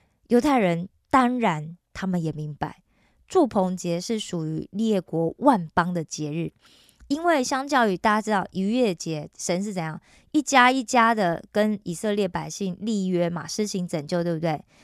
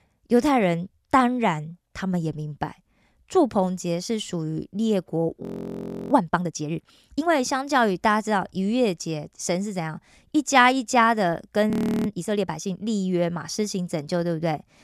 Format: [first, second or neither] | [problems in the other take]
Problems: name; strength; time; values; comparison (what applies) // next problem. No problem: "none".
first | audio freezing; at 5.5 s for 0.5 s and at 12 s